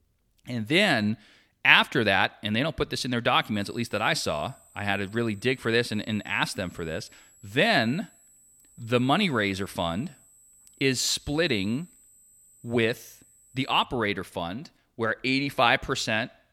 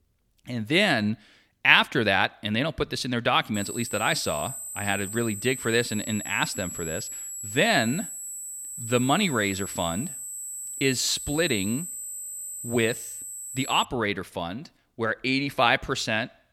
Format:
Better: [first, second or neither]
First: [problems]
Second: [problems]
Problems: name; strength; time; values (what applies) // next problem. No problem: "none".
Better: first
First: high-pitched whine; faint; from 3.5 to 14 s; 8 kHz, 30 dB below the speech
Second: high-pitched whine; loud; from 3.5 to 14 s; 8 kHz, 8 dB below the speech